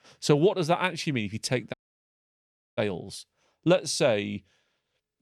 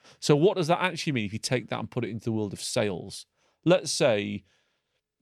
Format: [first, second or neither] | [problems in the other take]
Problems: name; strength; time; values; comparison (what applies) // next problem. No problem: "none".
second | audio cutting out; at 1.5 s for 1 s